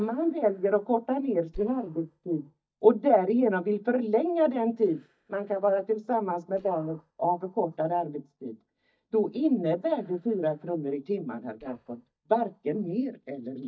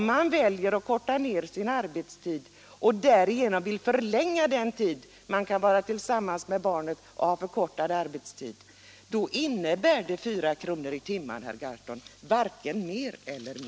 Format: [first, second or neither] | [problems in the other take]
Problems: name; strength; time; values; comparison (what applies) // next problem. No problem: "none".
second | noise reduction (neural mask model DeepFilterNet 3)